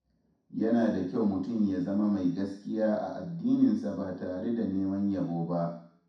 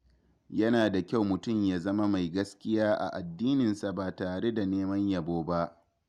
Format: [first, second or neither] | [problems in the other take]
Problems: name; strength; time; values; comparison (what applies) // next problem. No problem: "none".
second | room echo; dies away in 0.6 s